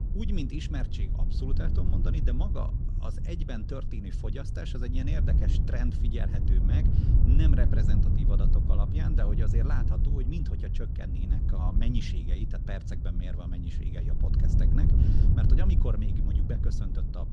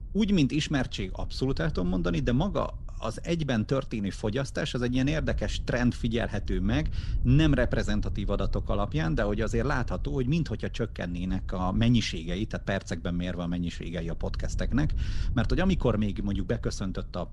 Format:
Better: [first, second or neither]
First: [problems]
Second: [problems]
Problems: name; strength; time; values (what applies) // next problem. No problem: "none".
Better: second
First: low rumble; loud; throughout; 1 dB below the speech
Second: low rumble; faint; throughout; 20 dB below the speech